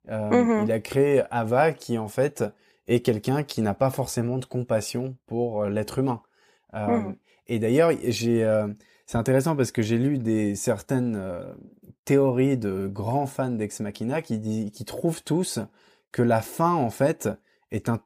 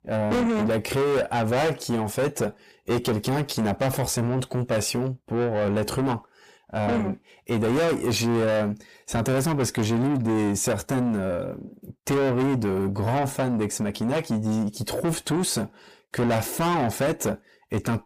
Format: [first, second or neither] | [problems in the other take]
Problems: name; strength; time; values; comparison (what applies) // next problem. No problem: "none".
first | distortion; heavy; 6 dB below the speech